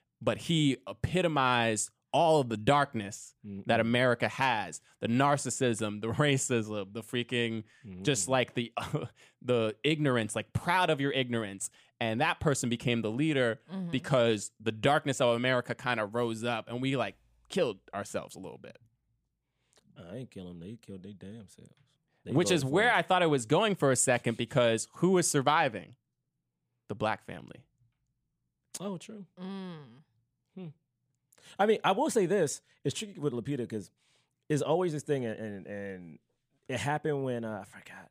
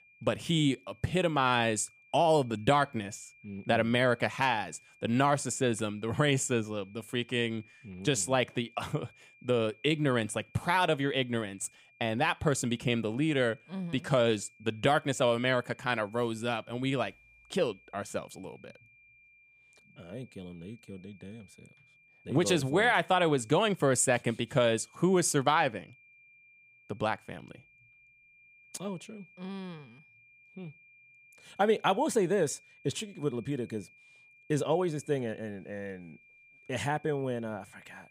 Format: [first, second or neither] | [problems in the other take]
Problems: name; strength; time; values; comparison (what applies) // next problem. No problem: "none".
first | high-pitched whine; faint; throughout; 2.5 kHz, 30 dB below the speech